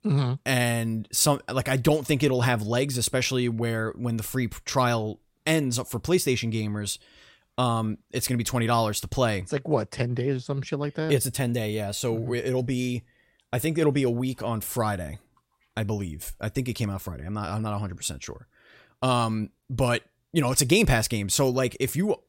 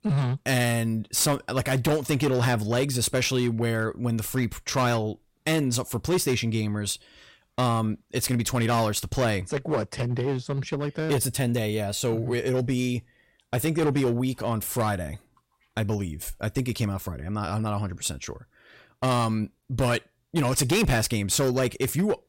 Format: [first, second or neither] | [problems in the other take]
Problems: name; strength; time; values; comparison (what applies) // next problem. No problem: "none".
first | distortion; slight; 7% of the sound clipped